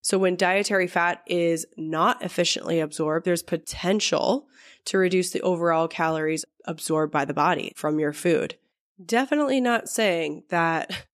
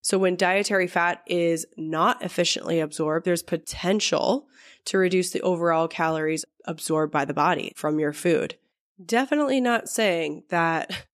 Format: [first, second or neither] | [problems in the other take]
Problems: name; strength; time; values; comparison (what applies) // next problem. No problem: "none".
neither | none